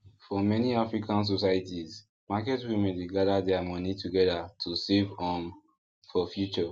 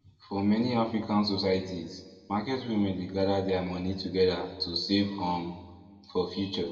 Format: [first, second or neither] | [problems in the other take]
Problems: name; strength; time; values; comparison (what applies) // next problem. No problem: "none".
first | room echo; dies away in 1.1 s